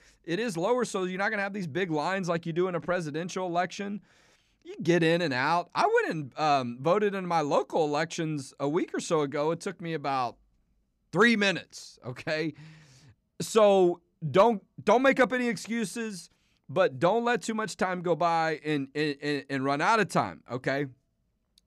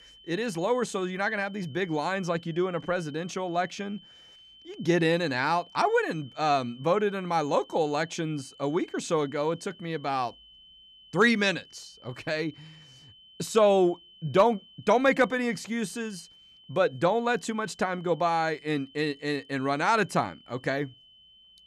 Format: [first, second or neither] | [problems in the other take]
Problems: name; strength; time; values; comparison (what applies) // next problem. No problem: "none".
first | high-pitched whine; faint; throughout; 3 kHz, 25 dB below the speech